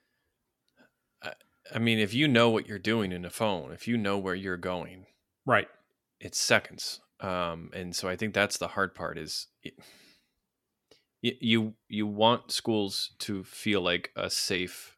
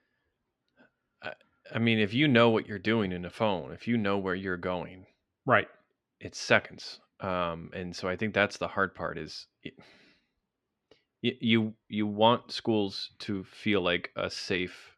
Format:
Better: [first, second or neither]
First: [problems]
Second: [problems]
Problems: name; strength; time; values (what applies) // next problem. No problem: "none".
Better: first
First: none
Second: muffled; slightly; fading above 3.5 kHz